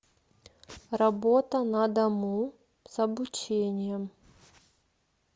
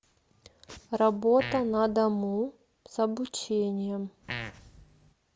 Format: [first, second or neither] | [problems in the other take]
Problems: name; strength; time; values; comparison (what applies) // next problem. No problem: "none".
first | background sound (Fart); 11 dB below the speech